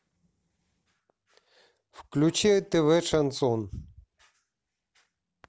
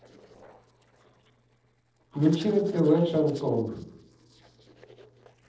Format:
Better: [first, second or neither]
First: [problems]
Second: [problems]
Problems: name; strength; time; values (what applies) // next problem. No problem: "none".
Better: first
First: none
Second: noise reduction (neural separator model SepFormer DNS4)